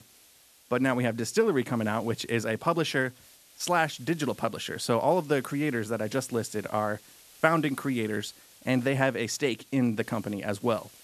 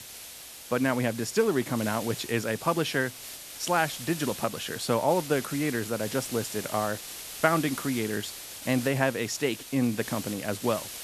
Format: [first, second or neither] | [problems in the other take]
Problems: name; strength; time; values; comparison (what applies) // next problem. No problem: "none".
first | hiss; loud; throughout; 10 dB below the speech; faint in the first